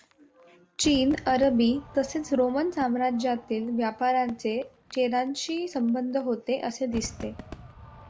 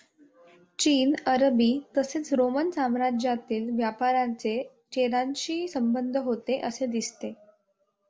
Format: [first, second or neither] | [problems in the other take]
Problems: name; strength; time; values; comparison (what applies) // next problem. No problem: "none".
second | background sound (Crowd / Fireworks); 19 dB below the speech